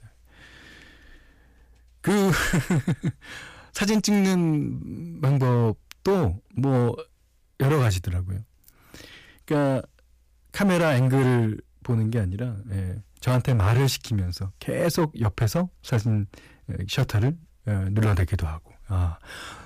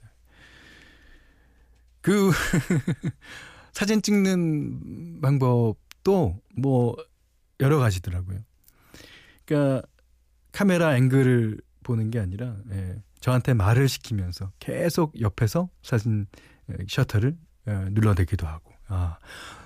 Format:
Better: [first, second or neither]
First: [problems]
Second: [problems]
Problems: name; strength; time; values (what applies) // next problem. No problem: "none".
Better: second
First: distortion; slight; 9% of the sound clipped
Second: none